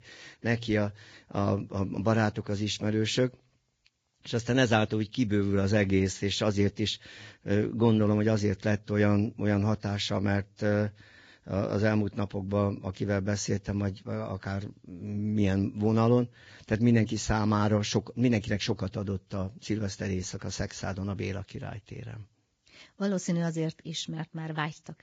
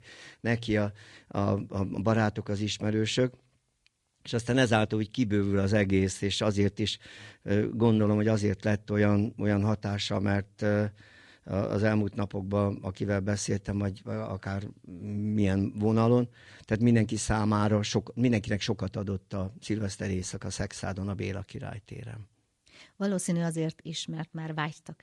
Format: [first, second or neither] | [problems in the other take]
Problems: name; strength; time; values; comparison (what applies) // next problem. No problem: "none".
second | garbled, watery; badly; nothing above 7.5 kHz; slightly in the second